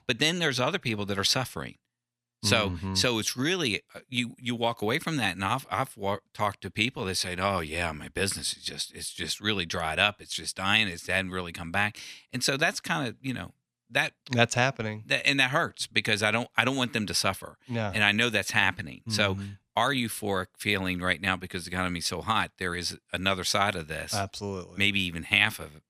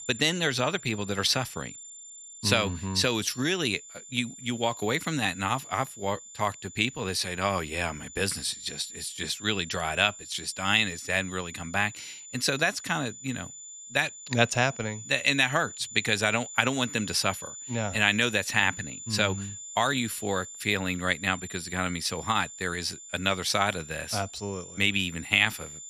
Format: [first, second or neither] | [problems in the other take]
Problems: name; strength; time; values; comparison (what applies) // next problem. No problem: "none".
first | high-pitched whine; noticeable; throughout; 7 kHz, 15 dB below the speech